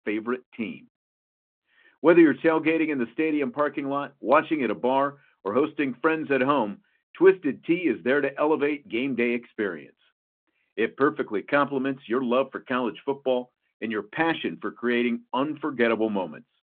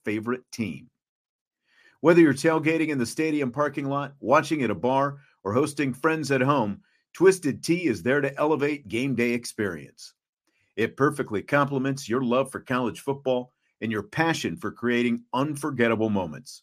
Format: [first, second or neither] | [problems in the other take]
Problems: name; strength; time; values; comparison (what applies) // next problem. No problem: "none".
second | phone-call audio